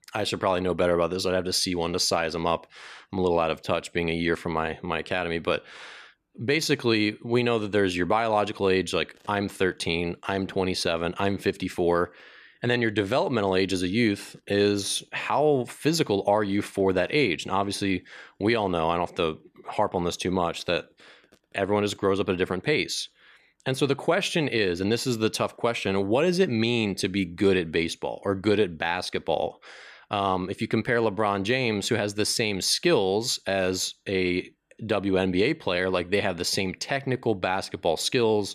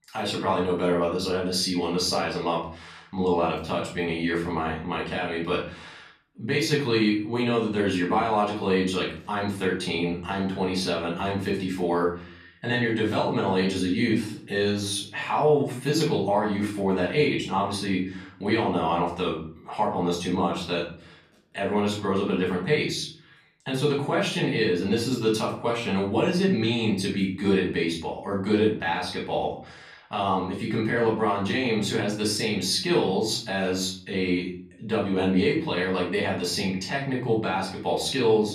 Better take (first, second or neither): first